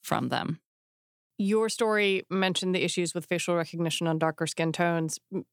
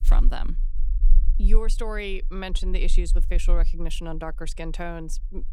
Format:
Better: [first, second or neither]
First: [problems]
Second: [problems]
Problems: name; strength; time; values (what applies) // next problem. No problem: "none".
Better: first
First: none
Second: low rumble; noticeable; throughout; 20 dB below the speech